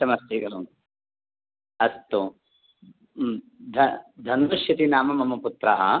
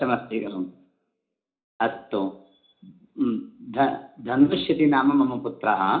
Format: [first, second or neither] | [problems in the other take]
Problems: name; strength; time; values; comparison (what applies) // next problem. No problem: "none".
first | room echo; dies away in 0.4 s